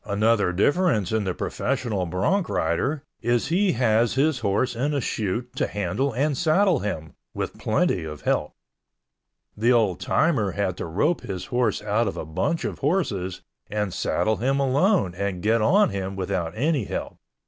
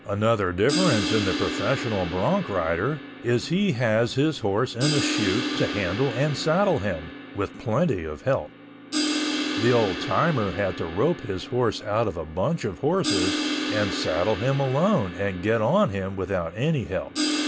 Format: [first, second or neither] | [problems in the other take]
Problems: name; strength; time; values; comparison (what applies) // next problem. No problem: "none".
first | background sound (Crash cymbal); 6 dB below the speech